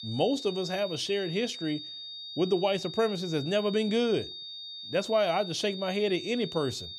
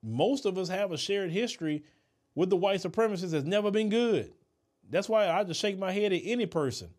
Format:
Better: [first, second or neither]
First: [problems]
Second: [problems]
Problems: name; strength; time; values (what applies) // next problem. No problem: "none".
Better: second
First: high-pitched whine; loud; throughout; 3.5 kHz, 9 dB below the speech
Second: none